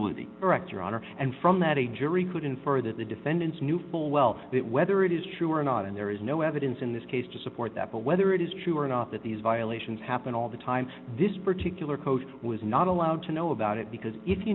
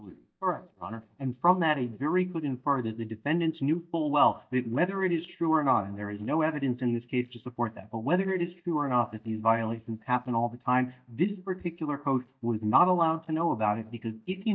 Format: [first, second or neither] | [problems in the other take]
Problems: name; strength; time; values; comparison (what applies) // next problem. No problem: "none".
first | noise reduction (neural mask model DeepFilterNet 3)